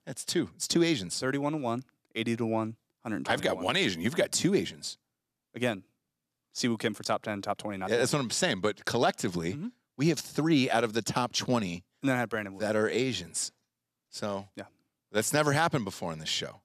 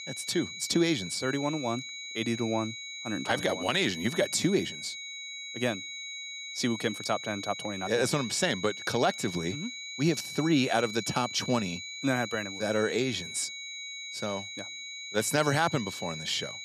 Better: first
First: none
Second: high-pitched whine; loud; throughout; 2 kHz, 8 dB below the speech

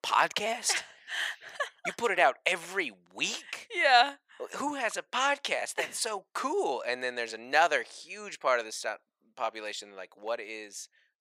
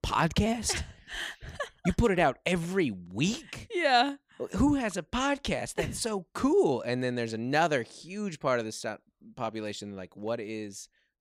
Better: second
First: thin; very; fading below 700 Hz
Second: none

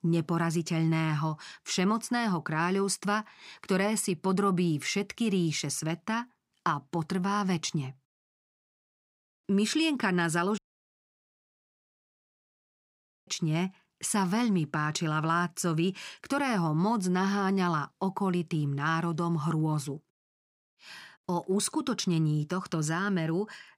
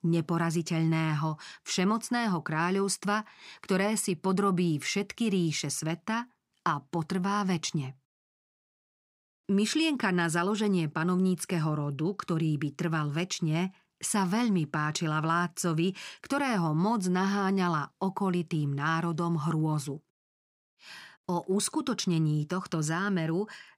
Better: second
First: audio cutting out; at 11 s for 2.5 s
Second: none

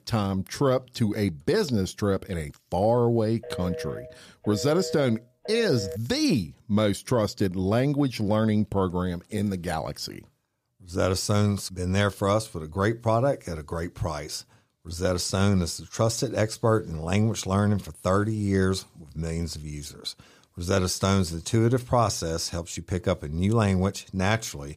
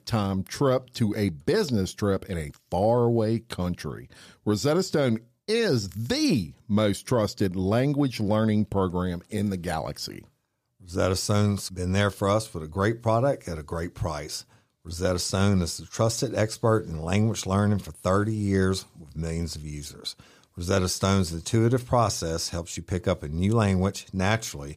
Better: second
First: phone ringing; noticeable; from 3.5 to 6 s; peak 9 dB below the speech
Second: none

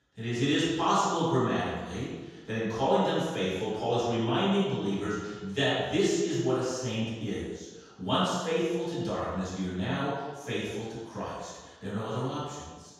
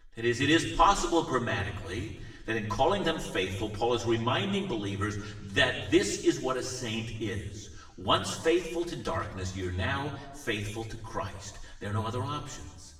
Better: second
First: room echo; strong; dies away in 1.2 s // off-mic speech; far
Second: room echo; slight; dies away in 1.1 s // off-mic speech; far

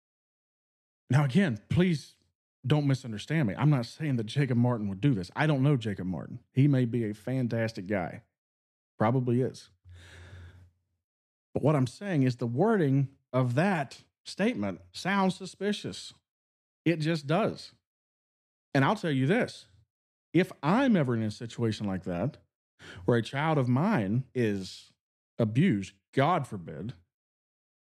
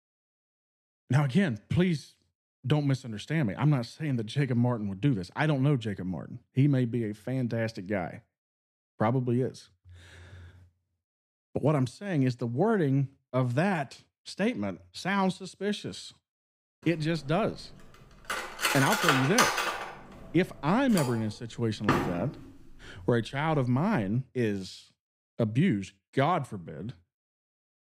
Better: first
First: none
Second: clattering dishes; loud; from 18 to 22 s; peak 5 dB above the speech

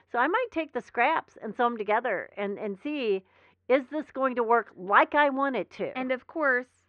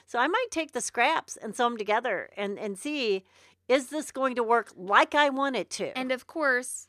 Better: second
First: muffled; very; fading above 2.5 kHz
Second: none

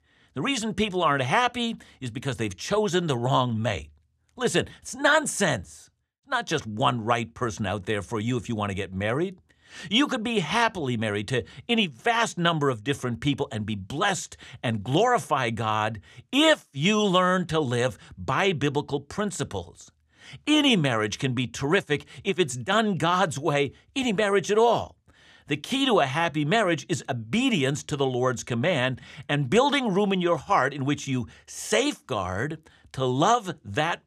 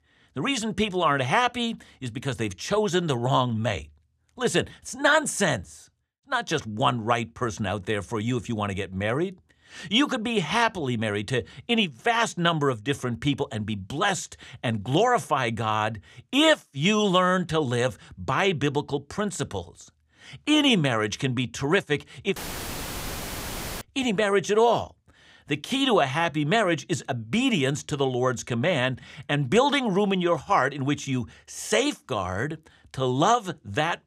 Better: first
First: none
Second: audio cutting out; filled with static; at 22 s for 1.5 s

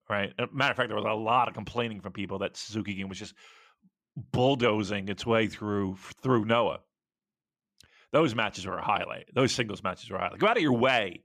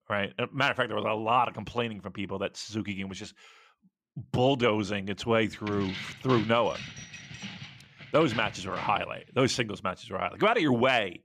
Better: first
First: none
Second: jangling keys; noticeable; from 5.5 to 9 s; peak 9 dB below the speech

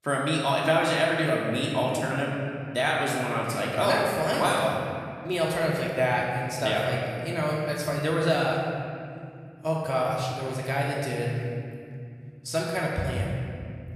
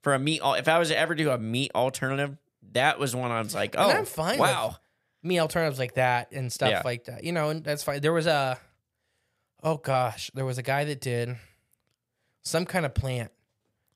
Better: second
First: room echo; noticeable; dies away in 2.4 s // off-mic speech; far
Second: none

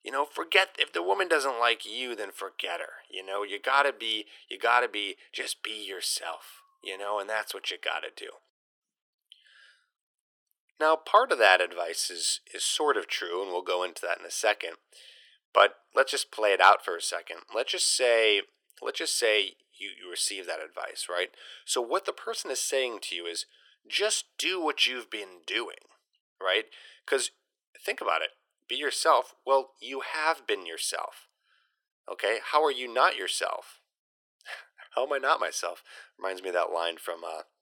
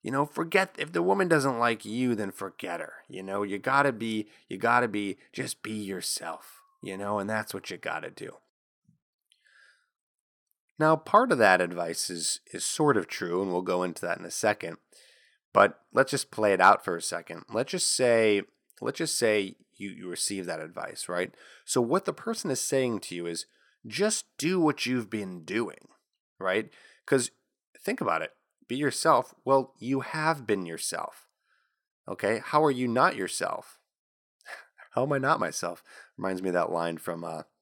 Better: second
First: thin; very; fading below 400 Hz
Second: none

